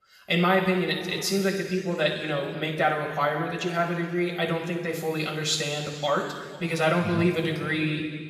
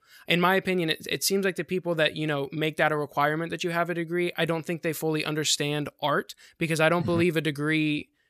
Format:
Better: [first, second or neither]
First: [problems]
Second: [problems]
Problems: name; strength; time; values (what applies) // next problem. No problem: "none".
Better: second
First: room echo; noticeable; dies away in 2.1 s // off-mic speech; far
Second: none